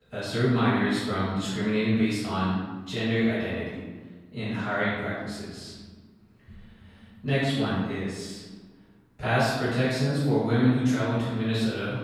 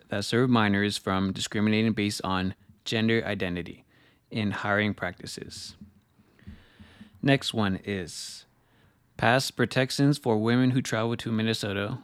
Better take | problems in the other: second | off-mic speech; far // room echo; strong; dies away in 1.2 s

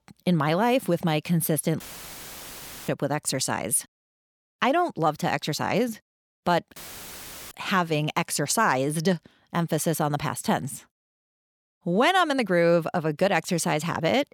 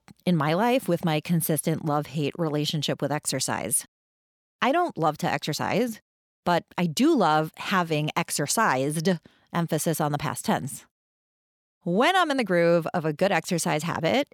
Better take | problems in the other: second | audio cutting out; filled with static; at 2 s for 1 s and at 7 s for 1 s

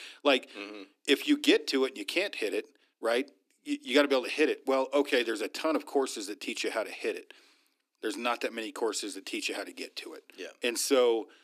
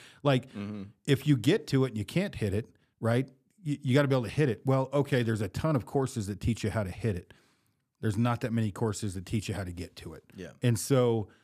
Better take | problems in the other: second | thin; somewhat; fading below 300 Hz

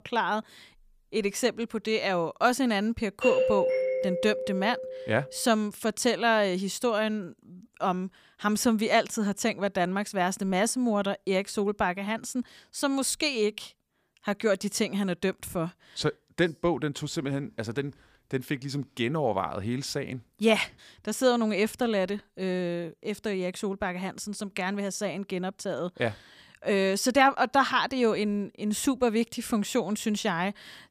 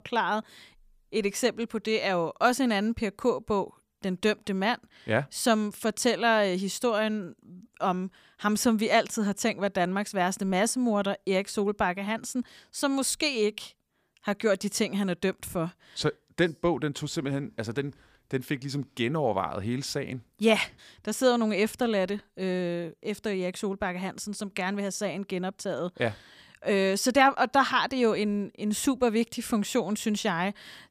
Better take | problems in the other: second | doorbell; loud; from 3 to 5 s; peak 4 dB above the speech

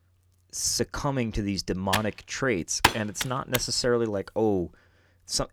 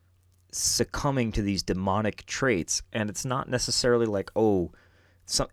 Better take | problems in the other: second | keyboard typing; loud; from 2 to 3.5 s; peak 4 dB above the speech

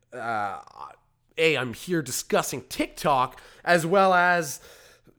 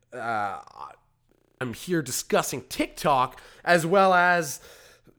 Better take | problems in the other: first | audio freezing; at 1.5 s

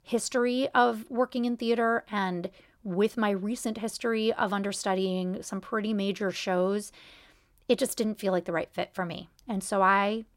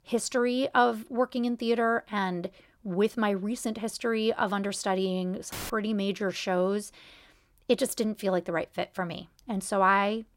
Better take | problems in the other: first | audio cutting out; filled with static; at 5.5 s

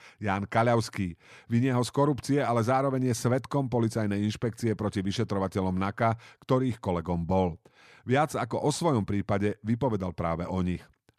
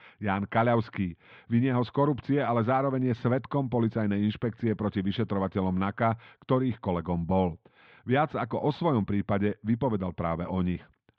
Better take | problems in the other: first | muffled; very; fading above 3.5 kHz

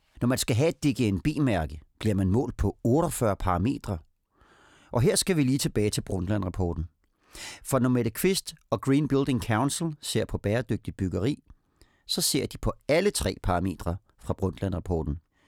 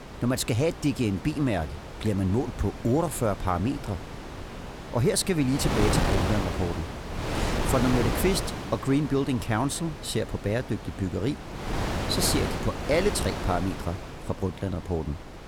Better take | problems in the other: first | wind noise on the microphone; heavy; 4 dB below the speech

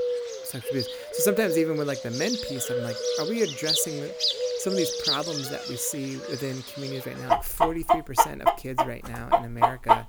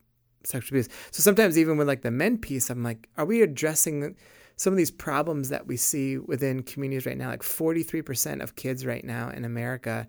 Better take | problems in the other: second | animal sounds; very loud; throughout; 3 dB above the speech

